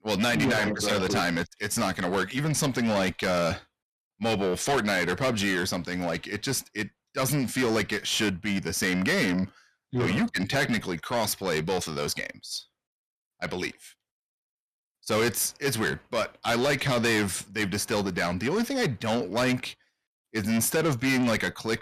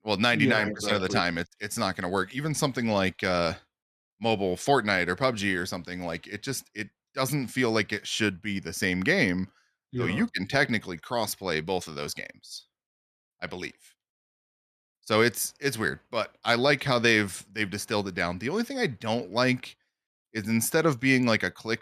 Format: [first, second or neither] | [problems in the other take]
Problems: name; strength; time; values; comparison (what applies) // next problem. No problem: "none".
second | distortion; heavy; 6 dB below the speech